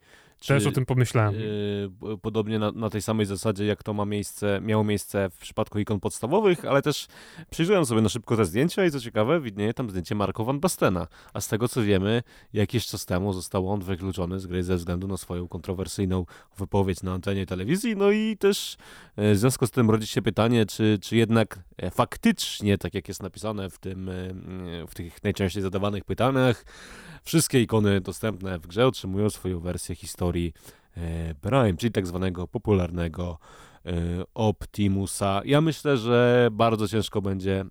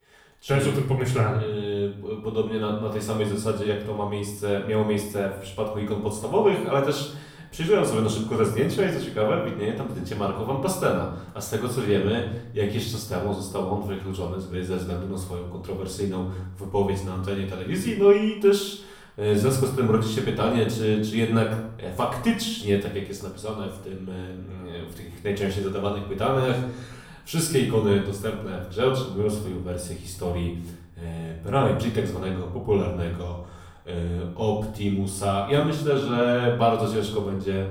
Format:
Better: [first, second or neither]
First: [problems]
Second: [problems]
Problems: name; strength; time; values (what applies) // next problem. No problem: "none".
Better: first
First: none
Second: off-mic speech; far // room echo; noticeable; dies away in 0.6 s